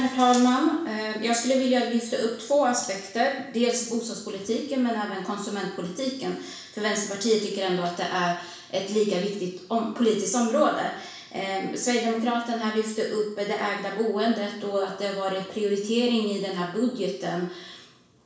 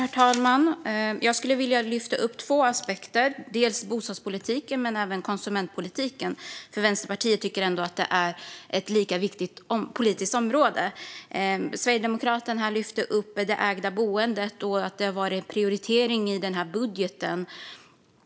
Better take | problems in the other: second | room echo; dies away in 0.7 s

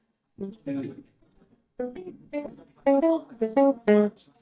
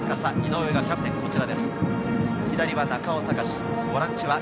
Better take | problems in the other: second | noise reduction (neural mask model DeepFilterNet 3)

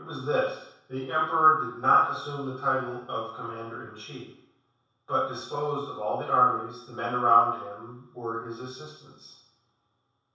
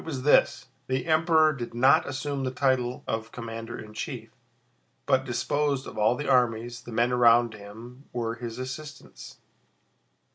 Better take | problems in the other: second | room echo; dies away in 0.7 s

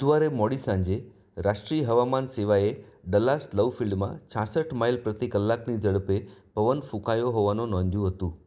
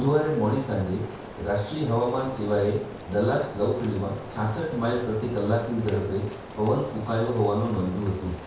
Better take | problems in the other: first | background sound (Rain); 14 dB below the speech // room echo; dies away in 0.5 s

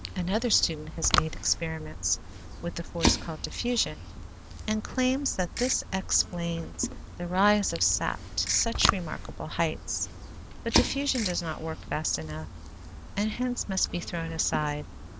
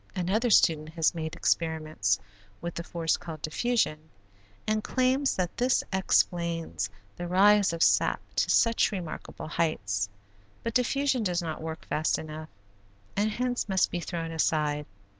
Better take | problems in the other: second | background sound (Ratchet, pawl / Percussion + Fire); 5 dB below the speech

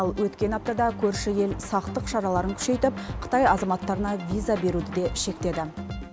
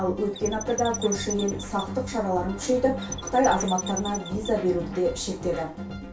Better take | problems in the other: first | background sound (Chirp, tweet); 11 dB below the speech // room echo; dies away in 0.2 s

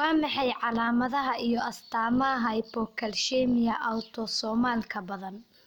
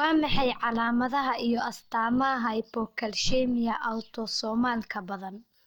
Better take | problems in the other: first | noise reduction (neural mask model DeepFilterNet 3)

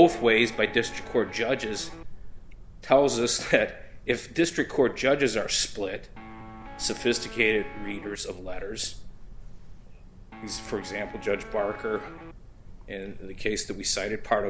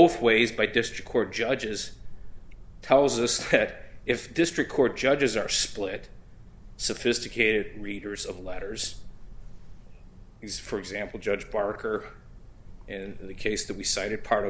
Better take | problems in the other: second | background sound (Guitar); 16 dB below the speech

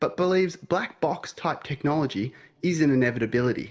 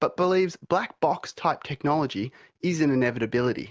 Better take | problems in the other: second | room echo; dies away in 0.5 s

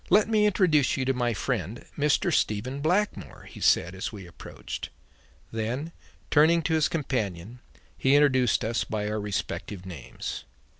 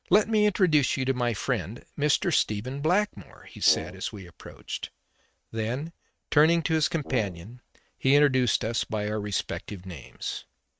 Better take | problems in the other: first | noise reduction (neural mask model RNNoise)

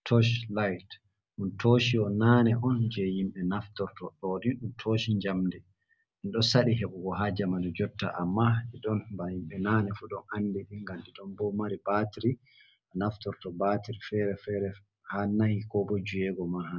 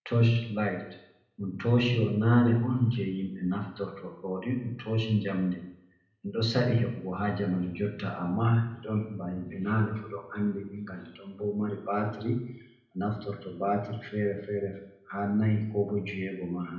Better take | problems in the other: first | room echo; dies away in 0.7 s

